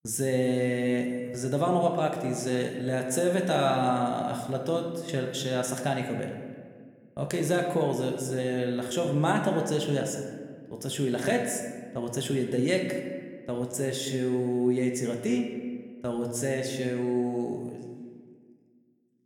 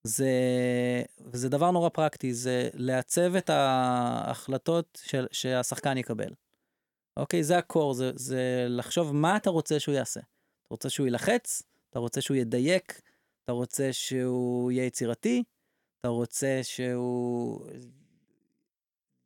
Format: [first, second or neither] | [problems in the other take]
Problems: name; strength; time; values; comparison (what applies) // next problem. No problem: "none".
second | room echo; slight; dies away in 1.3 s